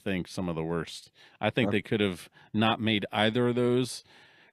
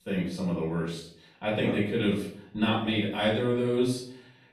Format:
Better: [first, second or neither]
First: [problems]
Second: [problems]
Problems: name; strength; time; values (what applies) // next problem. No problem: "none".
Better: first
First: none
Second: off-mic speech; far // room echo; noticeable; dies away in 0.5 s